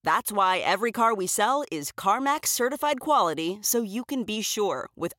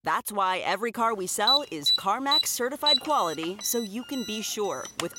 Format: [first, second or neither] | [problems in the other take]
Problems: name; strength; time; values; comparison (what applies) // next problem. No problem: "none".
first | alarm; loud; from 1.5 s on; peak 6 dB above the speech